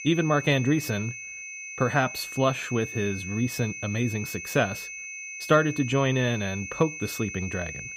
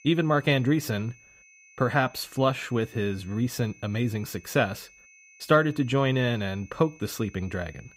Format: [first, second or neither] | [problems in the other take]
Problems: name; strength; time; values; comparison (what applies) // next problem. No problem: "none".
second | high-pitched whine; loud; throughout; 2.5 kHz, 9 dB below the speech; faint in the second